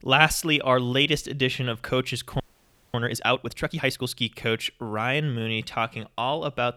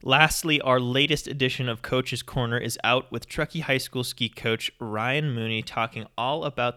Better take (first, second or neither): second